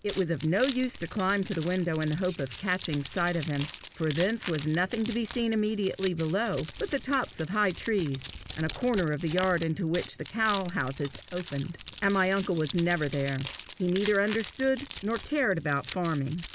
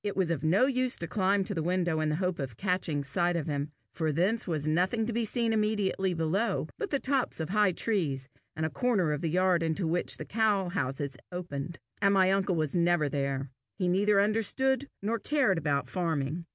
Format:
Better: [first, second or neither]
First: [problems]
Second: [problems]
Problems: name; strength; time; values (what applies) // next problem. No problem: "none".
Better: second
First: background sound (Keys jangling); 14 dB below the speech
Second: none